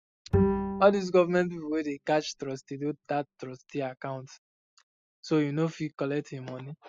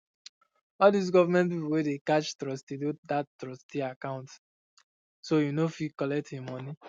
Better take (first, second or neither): second